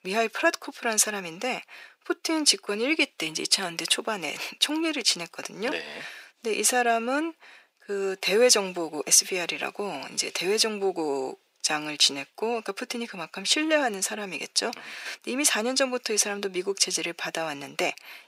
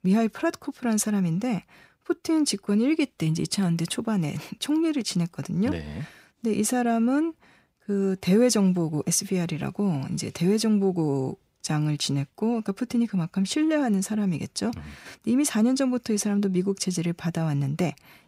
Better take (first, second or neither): second